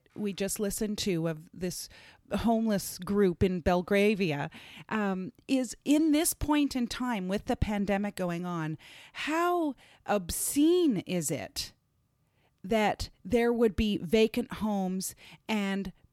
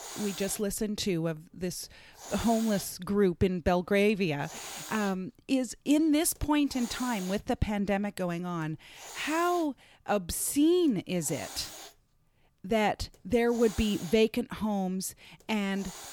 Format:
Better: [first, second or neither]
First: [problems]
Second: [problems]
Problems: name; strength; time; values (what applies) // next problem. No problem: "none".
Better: first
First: none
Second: hiss; noticeable; throughout; 15 dB below the speech